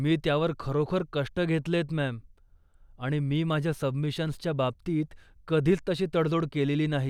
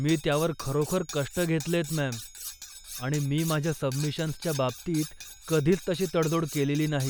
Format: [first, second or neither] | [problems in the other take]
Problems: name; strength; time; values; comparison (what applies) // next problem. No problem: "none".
first | background sound (Cutlery, silverware); 14 dB below the speech